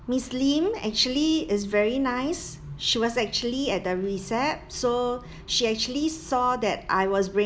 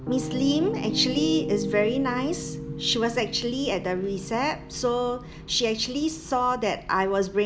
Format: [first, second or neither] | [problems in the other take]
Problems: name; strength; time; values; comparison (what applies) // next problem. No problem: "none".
first | background sound (Piano); 9 dB below the speech